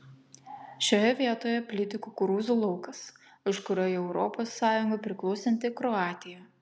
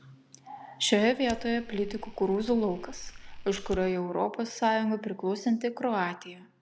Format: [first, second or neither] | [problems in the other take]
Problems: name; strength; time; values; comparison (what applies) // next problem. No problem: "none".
first | background sound (Fire); 13 dB below the speech